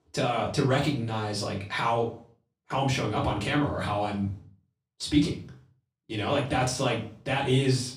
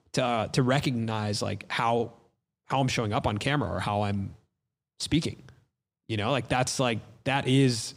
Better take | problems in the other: second | off-mic speech; far // room echo; slight; dies away in 0.3 s

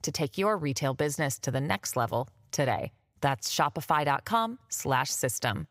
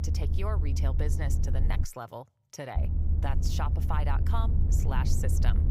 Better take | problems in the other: first | low rumble; loud; until 2 s and from 3 s on; 6 dB below the speech

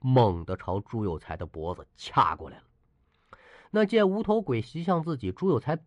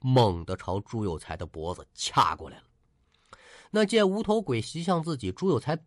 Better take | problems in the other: second | muffled; slightly; fading above 4 kHz

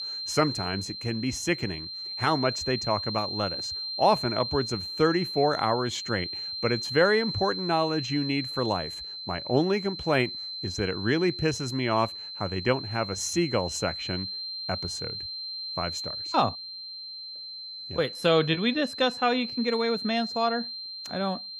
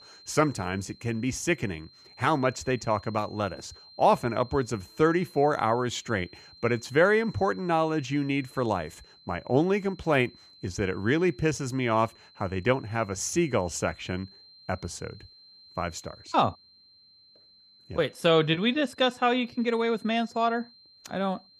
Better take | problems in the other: second | high-pitched whine; loud; throughout; 4 kHz, 6 dB below the speech; faint in the second

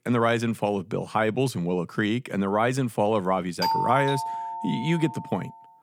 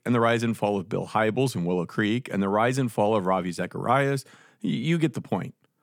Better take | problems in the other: second | doorbell; loud; from 3.5 to 5.5 s; peak 1 dB above the speech

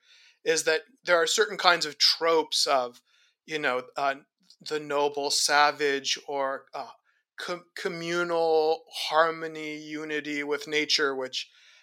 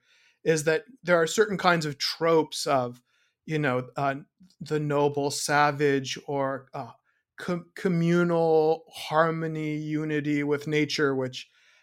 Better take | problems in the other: second | thin; somewhat; fading below 450 Hz

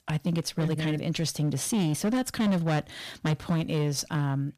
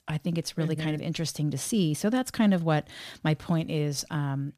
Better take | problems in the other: second | distortion; slight; 12% of the sound clipped

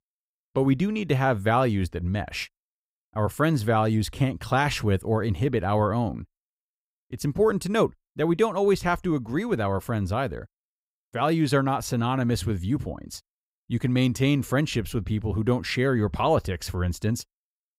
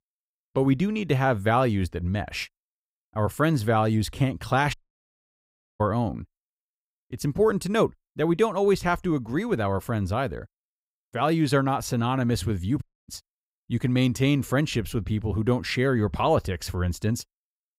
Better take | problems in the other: first | audio cutting out; at 4.5 s for 1 s and at 13 s

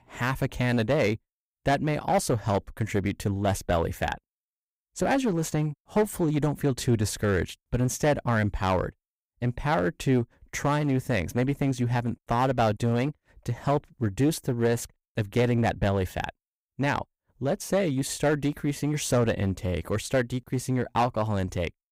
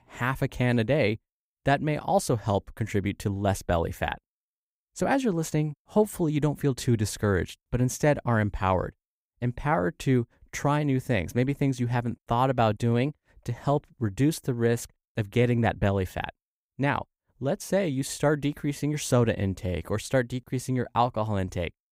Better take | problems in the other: second | distortion; slight; 6% of the sound clipped

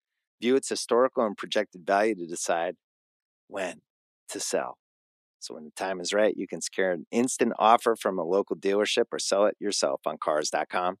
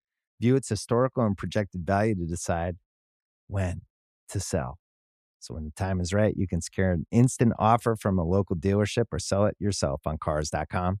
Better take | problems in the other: second | thin; somewhat; fading below 300 Hz

